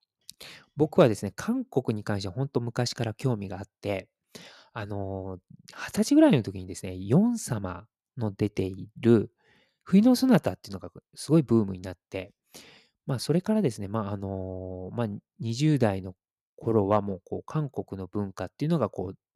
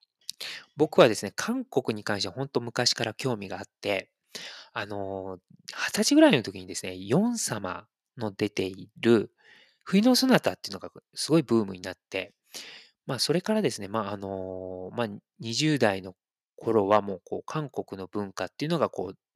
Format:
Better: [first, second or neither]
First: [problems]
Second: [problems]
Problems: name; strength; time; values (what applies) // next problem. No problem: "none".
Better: first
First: none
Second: thin; very slightly; fading below 800 Hz